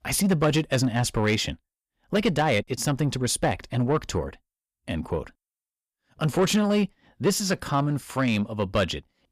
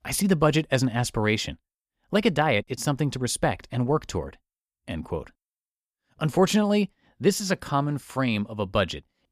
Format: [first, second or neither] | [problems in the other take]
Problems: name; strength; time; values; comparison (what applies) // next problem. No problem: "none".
second | distortion; slight; 10 dB below the speech